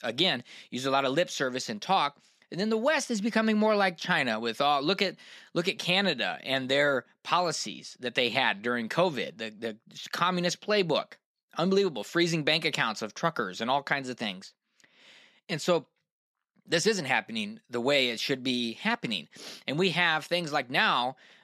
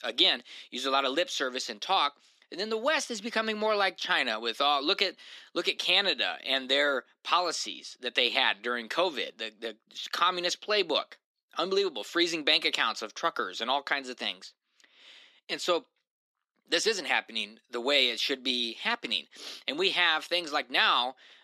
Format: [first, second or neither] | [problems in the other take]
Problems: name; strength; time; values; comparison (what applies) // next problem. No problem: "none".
first | thin; somewhat; fading below 300 Hz